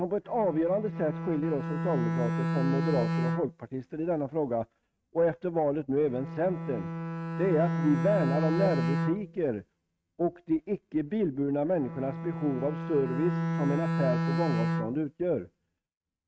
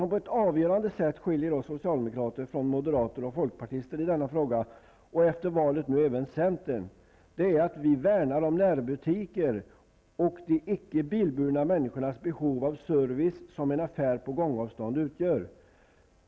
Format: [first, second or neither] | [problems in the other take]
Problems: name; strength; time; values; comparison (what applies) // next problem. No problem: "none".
second | noise reduction (neural mask model RNNoise)